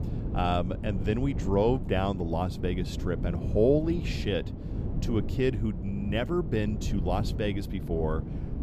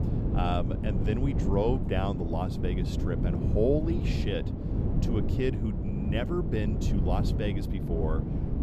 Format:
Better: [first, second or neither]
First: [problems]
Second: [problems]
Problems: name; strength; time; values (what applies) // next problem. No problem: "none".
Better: first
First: wind noise on the microphone; occasional gusts; 10 dB below the speech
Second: wind noise on the microphone; heavy; 5 dB below the speech